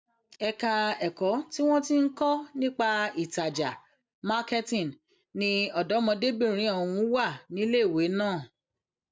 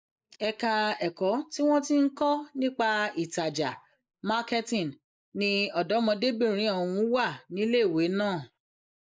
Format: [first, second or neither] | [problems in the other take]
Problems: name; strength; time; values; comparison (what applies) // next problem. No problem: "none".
first | noise reduction (neural mask model Resemble Enhance denoiser)